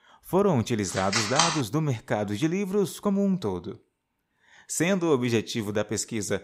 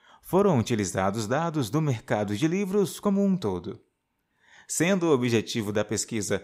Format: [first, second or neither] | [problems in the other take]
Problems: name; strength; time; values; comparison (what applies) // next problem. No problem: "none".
second | phone ringing; loud; at 1 s; peak 4 dB above the speech